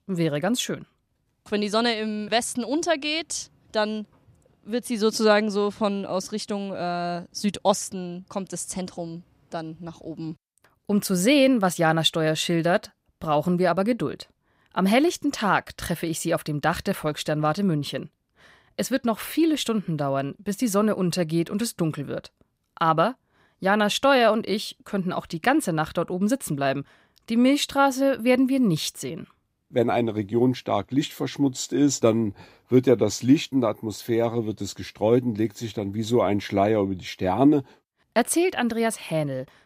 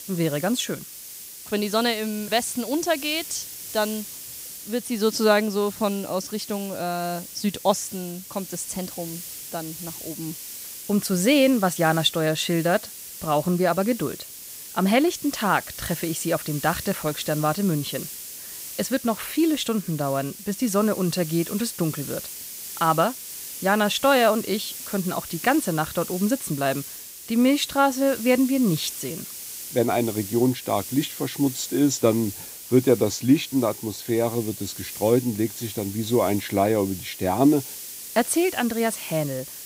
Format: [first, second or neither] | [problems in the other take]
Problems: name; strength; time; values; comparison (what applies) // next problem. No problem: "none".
first | hiss; noticeable; throughout; 10 dB below the speech